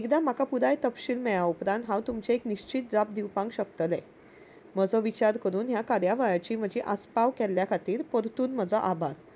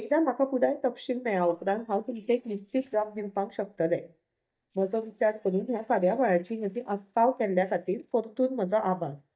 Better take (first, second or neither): first